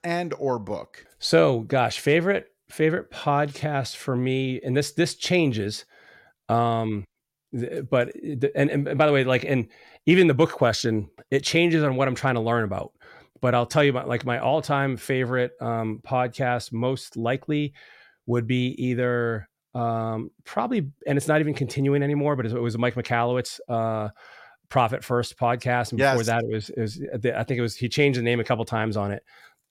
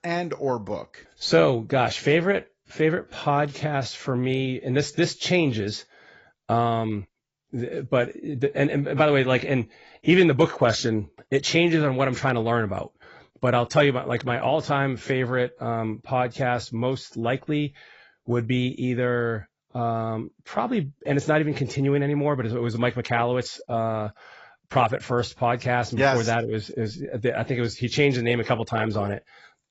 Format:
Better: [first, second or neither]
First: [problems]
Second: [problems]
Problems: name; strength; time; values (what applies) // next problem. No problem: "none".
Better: first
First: none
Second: garbled, watery; badly; nothing above 7.5 kHz